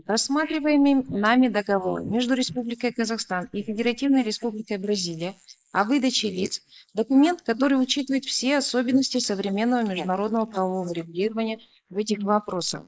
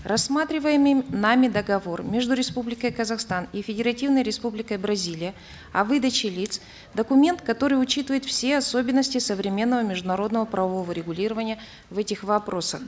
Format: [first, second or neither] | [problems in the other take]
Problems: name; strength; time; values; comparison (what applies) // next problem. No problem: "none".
second | noise reduction (neural mask model Resemble Enhance denoiser)